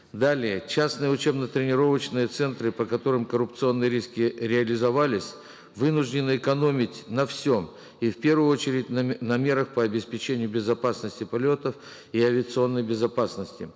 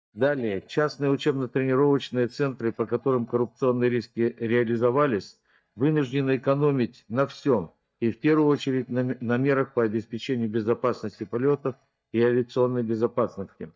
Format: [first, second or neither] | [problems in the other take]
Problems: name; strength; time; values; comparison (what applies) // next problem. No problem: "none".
first | noise reduction (neural mask model DeepFilterNet 3)